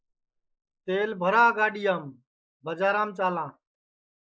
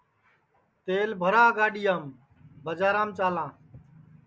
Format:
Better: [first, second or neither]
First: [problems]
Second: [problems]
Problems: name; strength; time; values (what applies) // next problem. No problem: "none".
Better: second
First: noise reduction (neural mask model Resemble Enhance denoiser)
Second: none